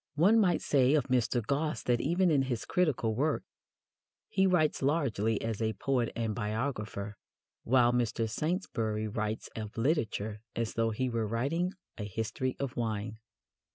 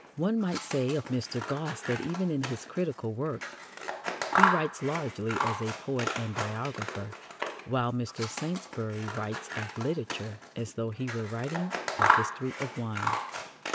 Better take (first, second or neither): first